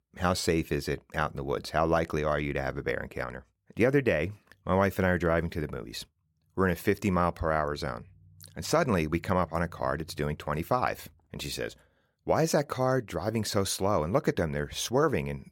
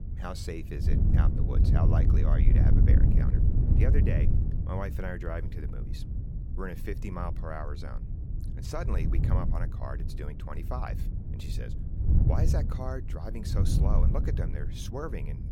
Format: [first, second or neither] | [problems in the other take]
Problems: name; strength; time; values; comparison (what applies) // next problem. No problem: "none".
first | wind noise on the microphone; heavy; 3 dB below the speech